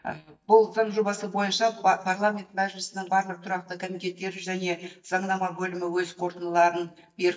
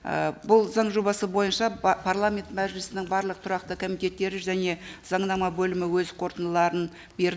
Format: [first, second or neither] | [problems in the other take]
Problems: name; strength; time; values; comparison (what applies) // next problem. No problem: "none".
second | noise reduction (neural mask model DeepFilterNet 3)